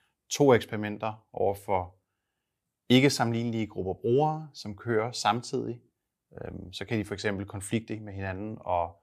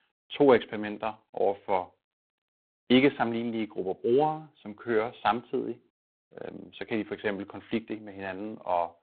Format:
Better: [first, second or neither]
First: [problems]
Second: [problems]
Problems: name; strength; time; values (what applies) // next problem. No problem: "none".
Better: first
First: none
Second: phone-call audio; poor line